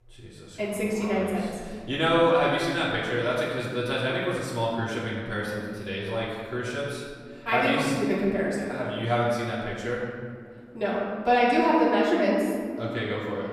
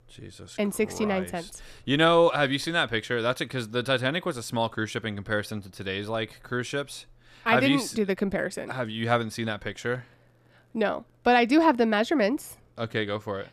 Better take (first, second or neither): second